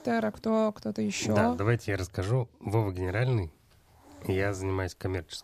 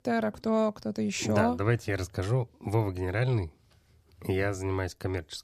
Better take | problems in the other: second | hiss; faint; until 2 s and from 3 s on; 25 dB below the speech

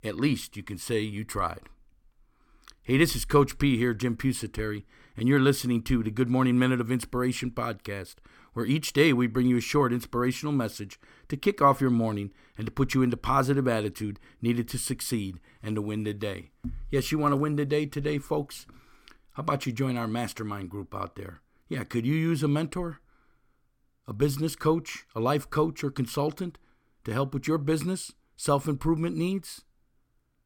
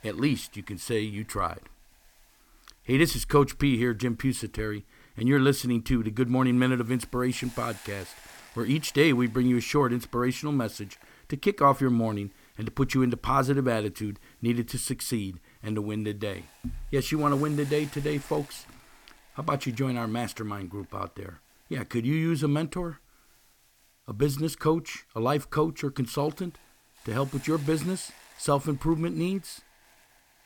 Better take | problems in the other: first | hiss; faint; throughout; 25 dB below the speech

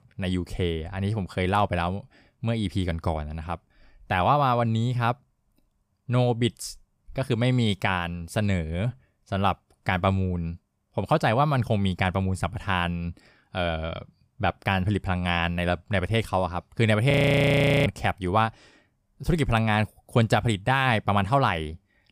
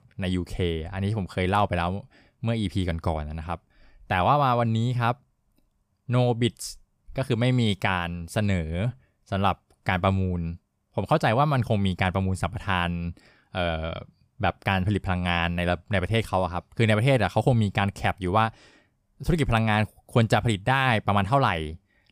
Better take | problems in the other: second | audio freezing; at 17 s for 1 s

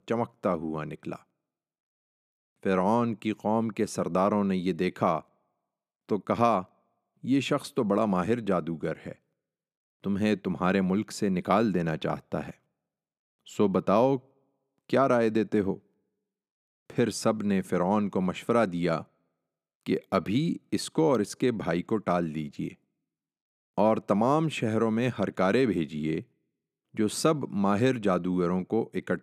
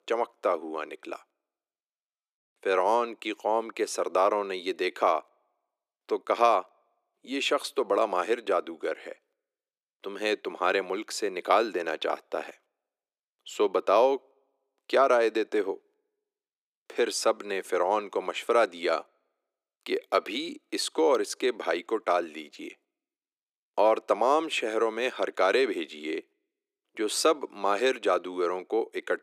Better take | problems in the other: first | thin; very; fading below 350 Hz

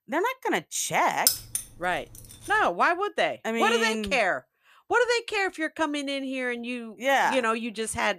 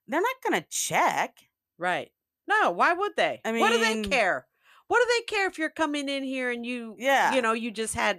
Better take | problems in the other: second | jangling keys; loud; at 1.5 s; peak 2 dB above the speech

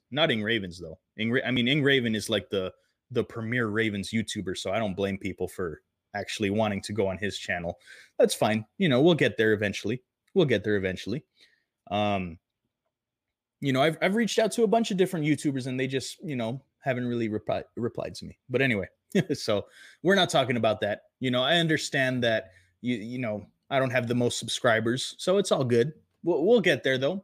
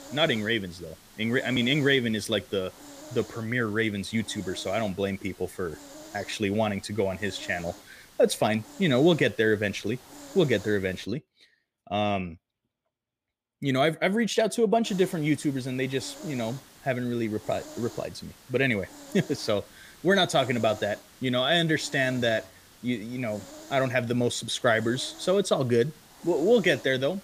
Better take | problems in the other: first | hiss; noticeable; until 11 s and from 15 s on; 20 dB below the speech

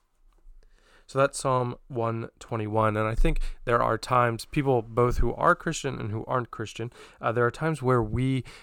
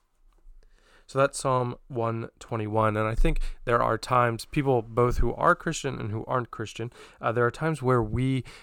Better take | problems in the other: neither | none

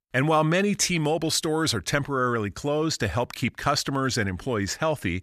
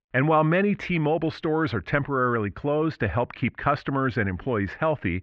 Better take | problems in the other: first | muffled; very; fading above 2.5 kHz

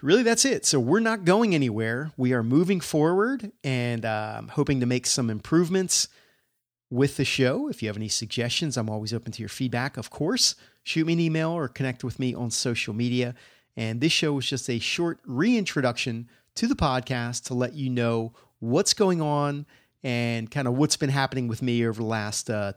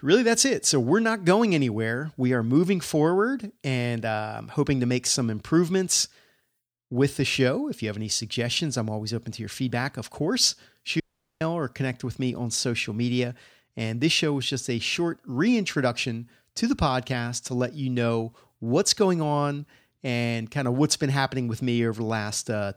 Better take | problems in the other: first | audio cutting out; at 11 s

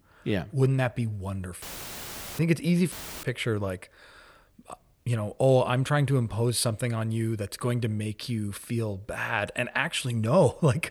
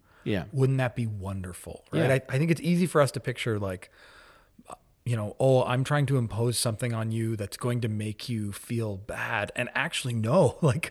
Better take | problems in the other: second | audio cutting out; filled with static; at 1.5 s for 1 s and at 3 s

